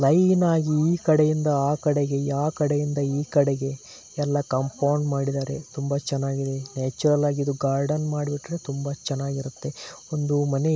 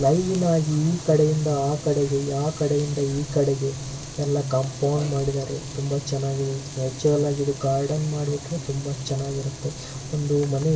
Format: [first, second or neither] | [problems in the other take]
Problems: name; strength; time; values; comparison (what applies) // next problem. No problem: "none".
first | background sound (Frying (food)); 10 dB below the speech // room echo; dies away in 0.1 s